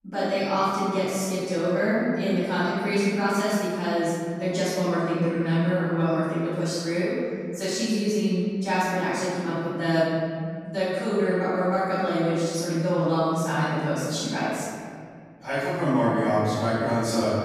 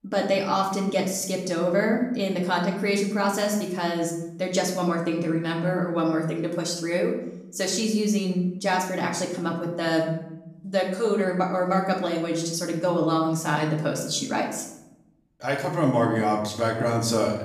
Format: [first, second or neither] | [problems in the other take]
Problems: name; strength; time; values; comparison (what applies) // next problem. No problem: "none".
second | room echo; strong; dies away in 2.3 s; slight in the second // off-mic speech; far; far in the second